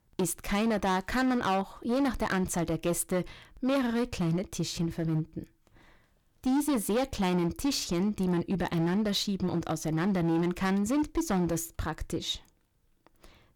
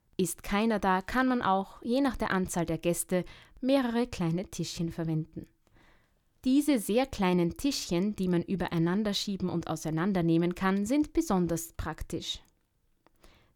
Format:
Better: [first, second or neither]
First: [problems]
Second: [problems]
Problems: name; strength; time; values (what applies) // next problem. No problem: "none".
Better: second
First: distortion; slight; 12% of the sound clipped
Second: none